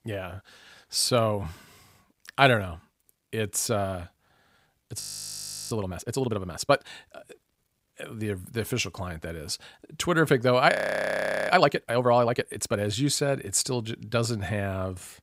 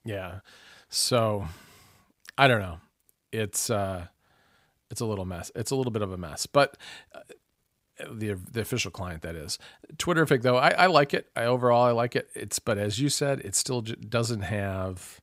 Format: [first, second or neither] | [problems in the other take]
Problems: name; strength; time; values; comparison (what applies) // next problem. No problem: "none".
second | audio freezing; at 5 s for 0.5 s and at 11 s for 1 s